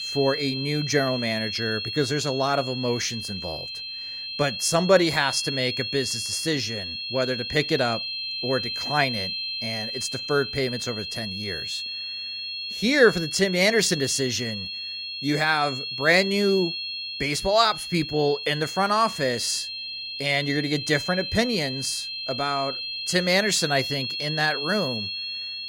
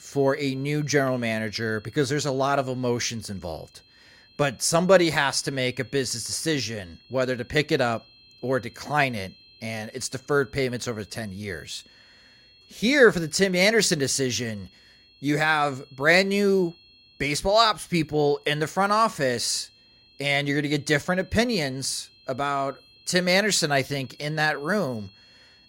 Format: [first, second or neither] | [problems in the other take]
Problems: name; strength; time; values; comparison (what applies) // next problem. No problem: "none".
second | high-pitched whine; loud; throughout; 4.5 kHz, 5 dB below the speech; faint in the second